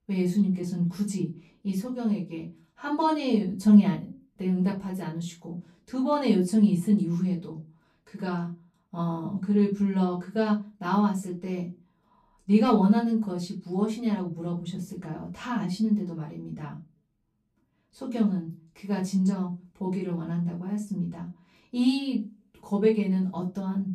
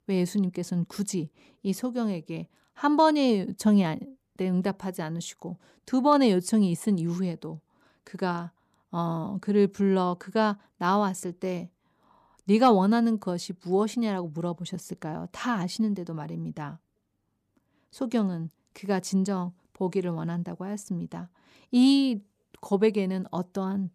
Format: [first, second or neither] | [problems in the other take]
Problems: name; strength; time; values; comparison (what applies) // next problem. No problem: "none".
second | off-mic speech; far // room echo; very slight; dies away in 0.3 s